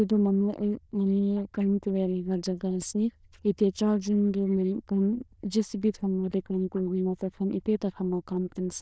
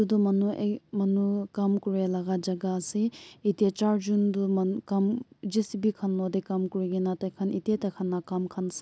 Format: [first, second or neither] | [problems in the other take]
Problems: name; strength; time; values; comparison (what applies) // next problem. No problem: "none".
second | noise reduction (neural diffusion model UNIVERSE++)